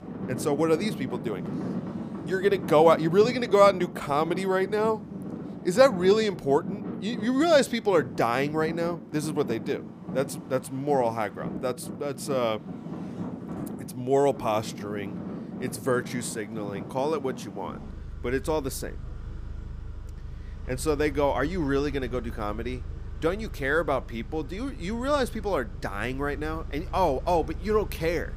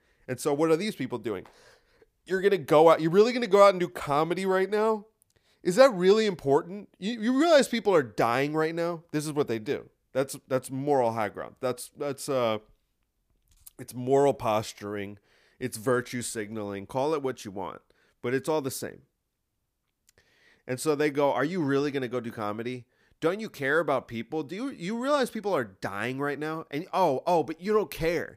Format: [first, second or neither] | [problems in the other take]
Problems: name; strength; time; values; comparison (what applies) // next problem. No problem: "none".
second | traffic noise; noticeable; throughout; 10 dB below the speech